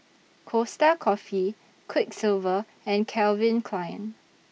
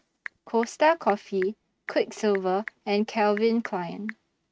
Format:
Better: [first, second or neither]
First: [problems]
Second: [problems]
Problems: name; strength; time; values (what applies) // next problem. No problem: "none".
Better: first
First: none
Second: noise reduction (neural mask model RNNoise)